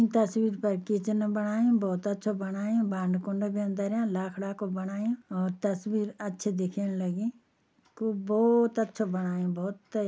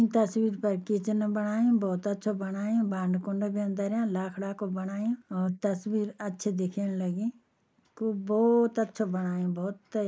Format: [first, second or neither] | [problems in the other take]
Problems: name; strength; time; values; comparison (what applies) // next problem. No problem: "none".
first | noise reduction (neural mask model Resemble Enhance denoiser)